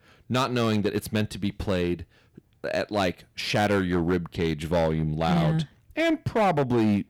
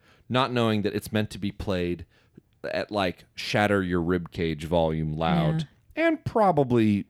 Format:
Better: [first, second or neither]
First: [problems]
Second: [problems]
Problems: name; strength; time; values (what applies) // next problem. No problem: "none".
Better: second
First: distortion; slight; 7% of the sound clipped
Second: none